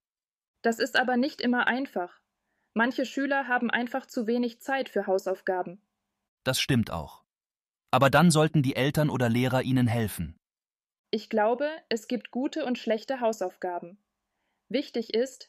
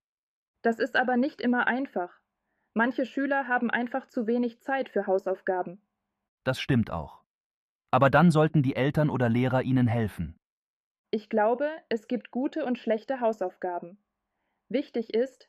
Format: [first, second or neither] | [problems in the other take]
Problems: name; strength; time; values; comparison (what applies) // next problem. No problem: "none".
first | muffled; slightly; fading above 3.5 kHz